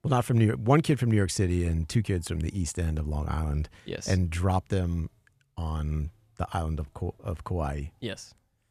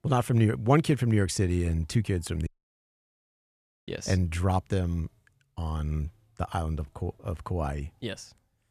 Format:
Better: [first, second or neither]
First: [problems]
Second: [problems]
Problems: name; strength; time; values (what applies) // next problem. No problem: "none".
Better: first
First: none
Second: audio cutting out; at 2.5 s for 1.5 s